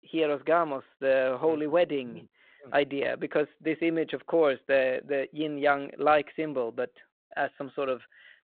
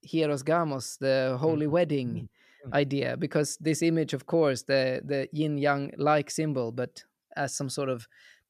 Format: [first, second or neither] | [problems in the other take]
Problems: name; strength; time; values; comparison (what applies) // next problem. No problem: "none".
second | phone-call audio; nothing above 4 kHz